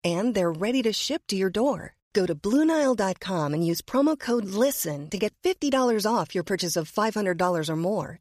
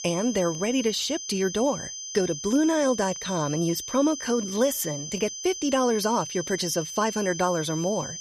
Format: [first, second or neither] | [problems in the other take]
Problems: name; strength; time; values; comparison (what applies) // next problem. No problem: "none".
first | high-pitched whine; loud; throughout; 6 kHz, 8 dB below the speech